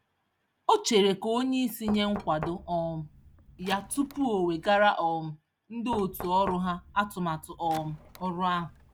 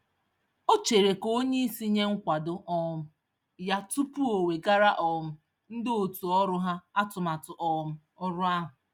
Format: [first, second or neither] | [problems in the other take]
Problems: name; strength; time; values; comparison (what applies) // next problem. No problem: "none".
second | background sound (Knock); 16 dB below the speech